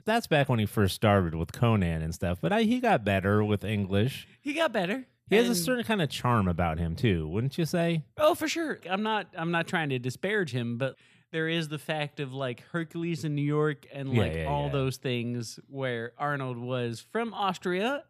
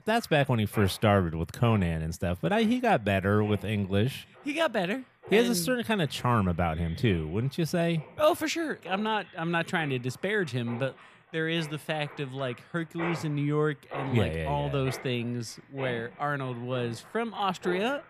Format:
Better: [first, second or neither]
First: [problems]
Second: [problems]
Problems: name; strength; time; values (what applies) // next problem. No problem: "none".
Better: first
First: none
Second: machinery noise; noticeable; throughout; 15 dB below the speech